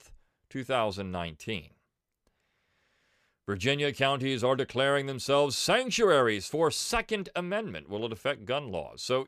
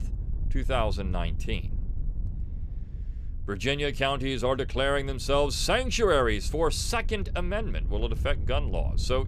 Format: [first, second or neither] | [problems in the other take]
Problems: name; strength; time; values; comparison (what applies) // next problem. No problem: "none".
first | wind noise on the microphone; occasional gusts; 25 dB below the speech